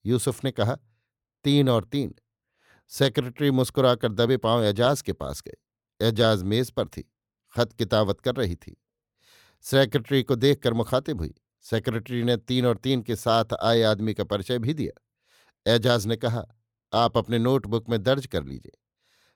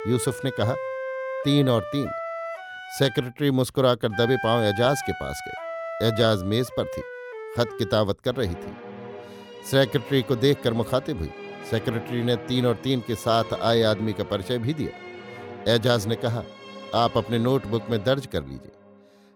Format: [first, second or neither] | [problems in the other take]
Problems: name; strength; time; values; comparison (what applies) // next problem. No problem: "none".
first | background music; noticeable; throughout; 10 dB below the speech